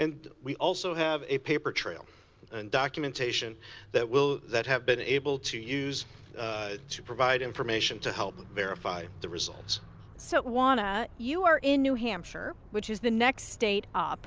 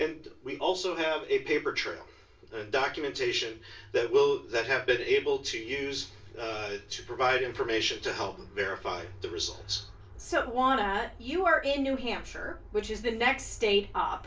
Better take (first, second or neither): first